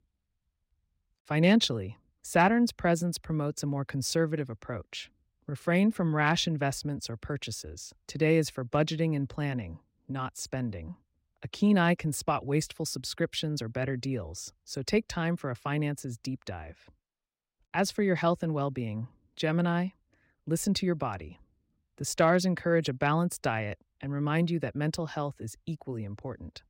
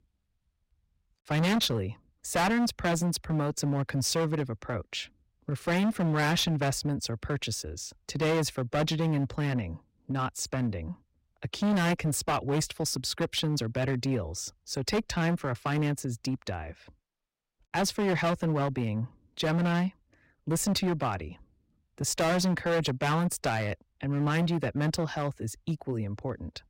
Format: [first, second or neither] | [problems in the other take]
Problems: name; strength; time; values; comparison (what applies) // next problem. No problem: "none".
first | distortion; heavy; 12% of the sound clipped